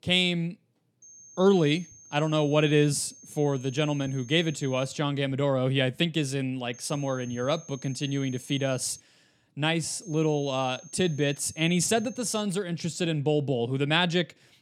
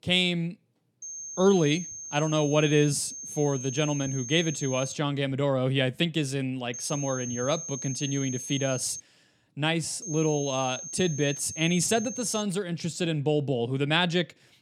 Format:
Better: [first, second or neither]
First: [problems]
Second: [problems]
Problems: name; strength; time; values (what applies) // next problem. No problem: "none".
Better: first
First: high-pitched whine; faint; from 1 to 5 s, from 6.5 to 9 s and from 10 to 12 s; 6.5 kHz, 20 dB below the speech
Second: high-pitched whine; loud; from 1 to 5 s, from 6.5 to 9 s and from 10 to 12 s; 6.5 kHz, 9 dB below the speech